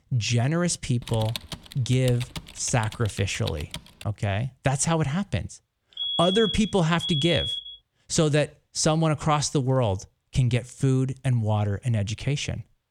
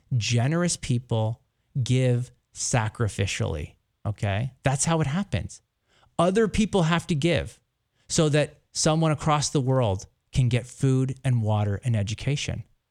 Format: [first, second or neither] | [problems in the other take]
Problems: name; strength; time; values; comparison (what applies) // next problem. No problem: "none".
second | keyboard typing; noticeable; from 1 to 4 s; peak 9 dB below the speech // alarm; noticeable; from 6 to 8 s; peak level with the speech